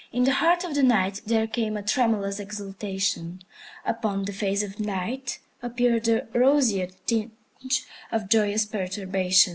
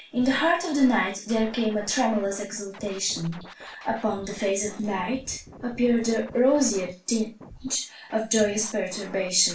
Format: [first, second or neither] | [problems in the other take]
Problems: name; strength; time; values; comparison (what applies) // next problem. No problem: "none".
first | background sound (Scratching (performance technique)); 19 dB below the speech // room echo; dies away in 0.2 s